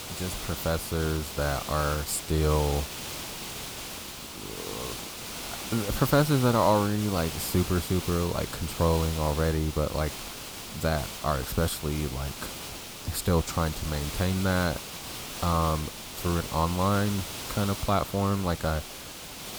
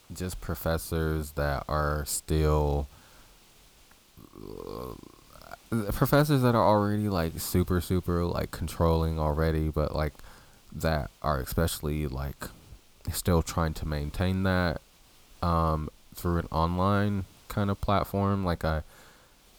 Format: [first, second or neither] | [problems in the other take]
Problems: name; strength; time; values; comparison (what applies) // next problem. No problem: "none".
second | hiss; loud; throughout; 8 dB below the speech; faint in the second